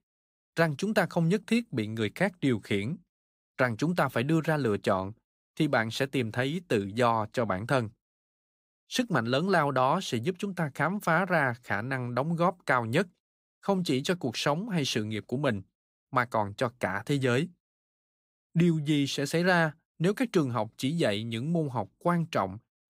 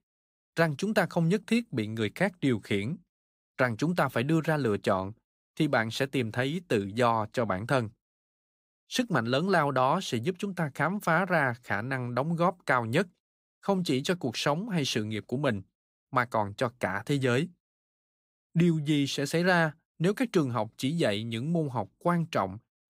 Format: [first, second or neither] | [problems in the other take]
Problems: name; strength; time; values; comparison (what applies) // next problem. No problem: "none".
neither | none